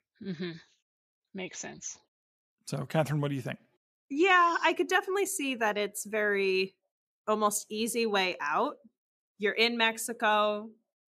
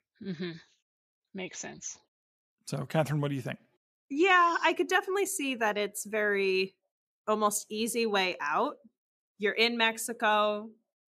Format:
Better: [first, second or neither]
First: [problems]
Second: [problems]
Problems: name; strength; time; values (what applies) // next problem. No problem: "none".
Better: neither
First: none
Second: none